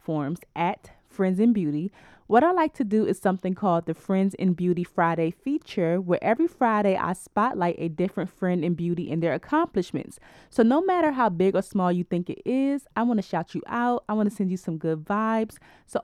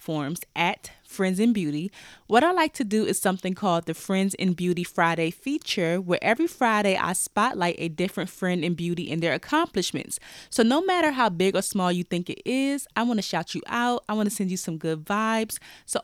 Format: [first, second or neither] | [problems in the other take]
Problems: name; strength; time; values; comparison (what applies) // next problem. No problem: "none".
second | muffled; very; fading above 2 kHz